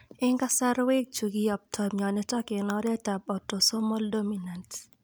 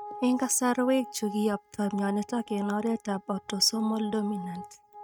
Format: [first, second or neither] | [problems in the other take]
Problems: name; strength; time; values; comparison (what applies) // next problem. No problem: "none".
first | noise reduction (neural mask model RNNoise)